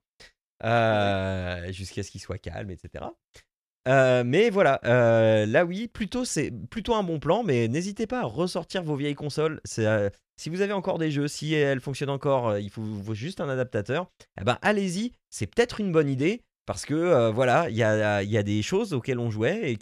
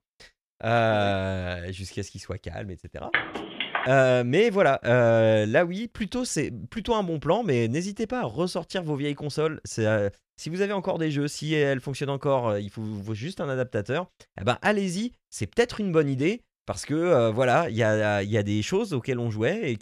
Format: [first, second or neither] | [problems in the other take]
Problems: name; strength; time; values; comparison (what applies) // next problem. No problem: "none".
first | phone ringing; noticeable; at 3 s; peak 2 dB below the speech